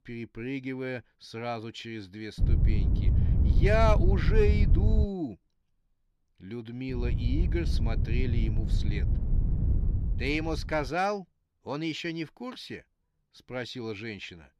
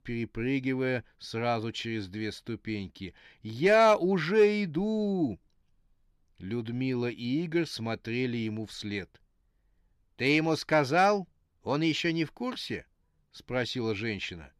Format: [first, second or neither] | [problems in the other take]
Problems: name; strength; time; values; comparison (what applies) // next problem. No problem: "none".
second | wind noise on the microphone; heavy; from 2.5 to 5 s and from 7 to 11 s; 9 dB below the speech